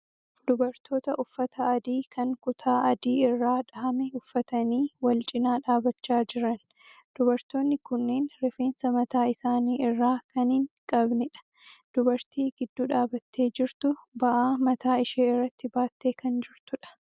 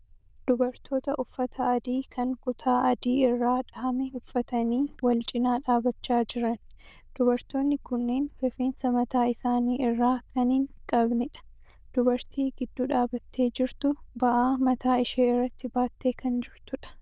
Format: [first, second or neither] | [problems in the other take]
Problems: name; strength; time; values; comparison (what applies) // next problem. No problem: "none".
first | noise reduction (neural diffusion model UNIVERSE++)